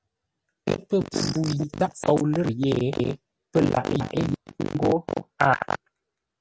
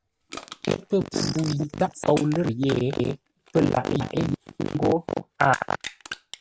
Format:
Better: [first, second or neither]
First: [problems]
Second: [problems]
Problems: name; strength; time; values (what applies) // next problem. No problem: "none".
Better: first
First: none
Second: background sound (Crushing); 19 dB below the speech